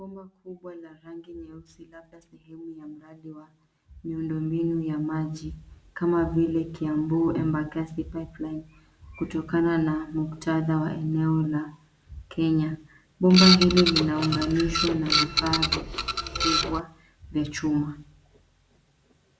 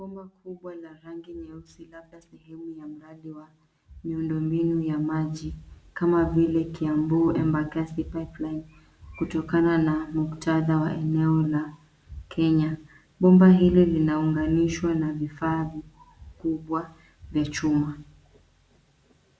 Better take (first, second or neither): second